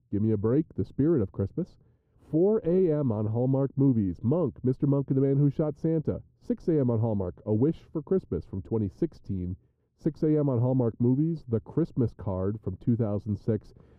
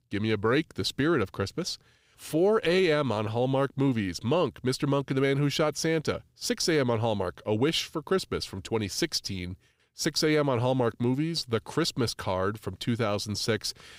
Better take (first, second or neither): second